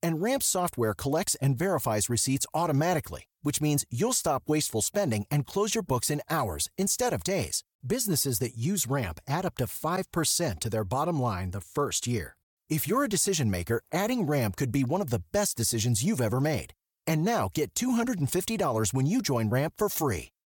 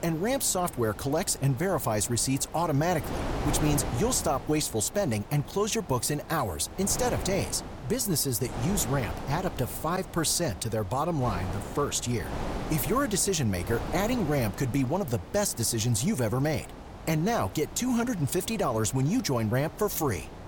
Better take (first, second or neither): first